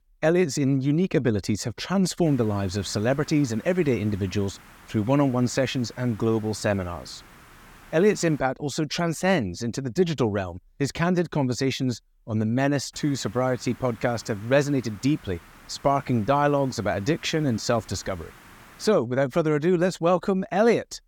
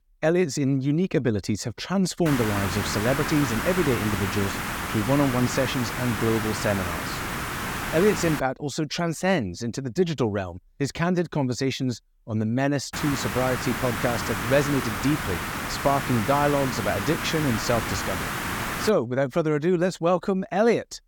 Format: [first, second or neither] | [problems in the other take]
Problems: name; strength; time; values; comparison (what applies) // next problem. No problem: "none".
first | hiss; loud; from 2.5 to 8.5 s and from 13 to 19 s; 4 dB below the speech; faint in the first